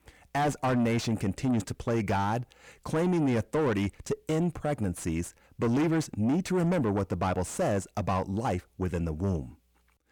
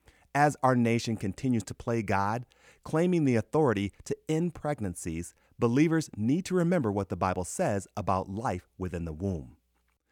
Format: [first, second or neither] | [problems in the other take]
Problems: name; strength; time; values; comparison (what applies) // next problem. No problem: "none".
second | distortion; heavy; 7 dB below the speech